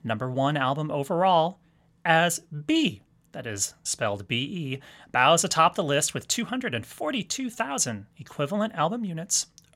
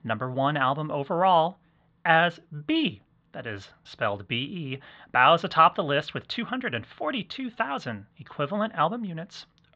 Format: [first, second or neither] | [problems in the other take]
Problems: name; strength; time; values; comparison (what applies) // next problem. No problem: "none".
first | muffled; very; fading above 4 kHz